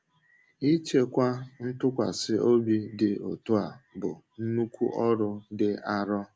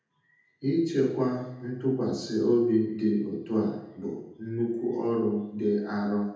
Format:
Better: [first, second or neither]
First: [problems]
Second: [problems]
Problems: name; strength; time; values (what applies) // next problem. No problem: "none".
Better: first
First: none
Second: room echo; dies away in 0.8 s